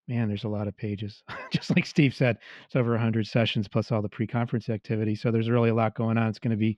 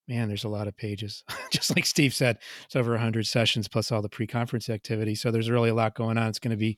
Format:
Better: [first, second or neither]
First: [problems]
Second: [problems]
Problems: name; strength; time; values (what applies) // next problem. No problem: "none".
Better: second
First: muffled; slightly; fading above 2.5 kHz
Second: none